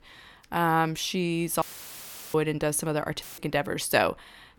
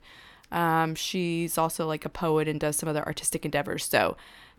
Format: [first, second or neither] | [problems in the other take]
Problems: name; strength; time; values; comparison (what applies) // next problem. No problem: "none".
second | audio cutting out; filled with static; at 1.5 s for 0.5 s and at 3 s